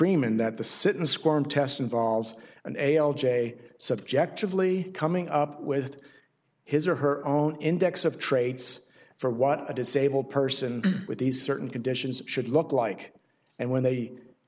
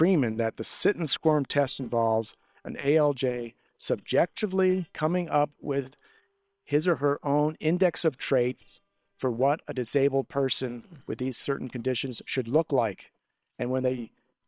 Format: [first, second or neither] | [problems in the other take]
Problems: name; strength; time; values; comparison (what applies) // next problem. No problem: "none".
first | noise reduction (neural separator model SepFormer WHAM!)